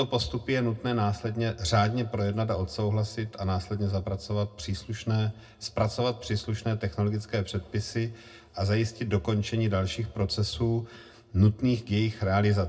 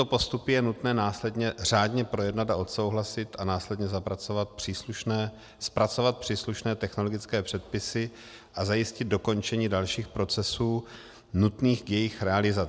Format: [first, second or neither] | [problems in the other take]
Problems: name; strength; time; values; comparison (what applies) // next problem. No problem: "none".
second | room echo; dies away in 0.2 s